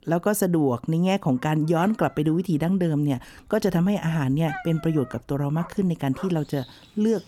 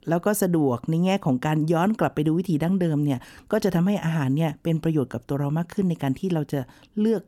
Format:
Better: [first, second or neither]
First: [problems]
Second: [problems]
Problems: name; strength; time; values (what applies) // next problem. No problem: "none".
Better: second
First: animal sounds; noticeable; throughout; 20 dB below the speech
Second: none